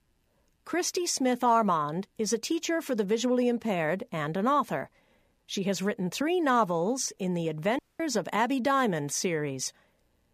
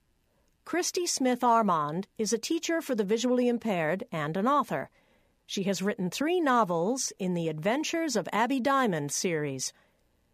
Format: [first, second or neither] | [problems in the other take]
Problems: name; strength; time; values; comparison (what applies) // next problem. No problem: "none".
second | audio cutting out; at 8 s